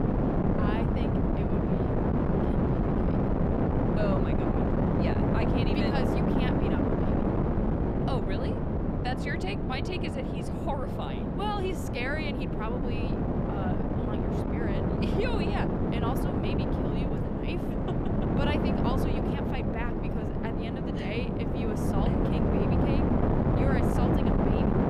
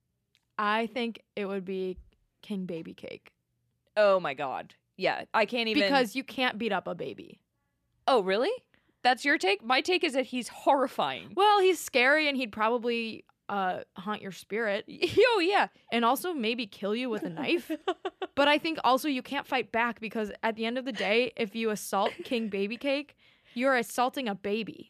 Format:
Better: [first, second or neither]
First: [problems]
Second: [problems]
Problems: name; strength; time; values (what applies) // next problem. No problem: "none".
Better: second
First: wind noise on the microphone; heavy; 5 dB above the speech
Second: none